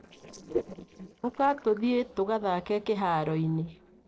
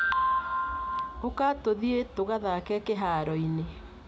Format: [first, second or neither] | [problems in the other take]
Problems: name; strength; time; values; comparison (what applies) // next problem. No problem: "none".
second | noise reduction (neural separator model SepFormer DNS4)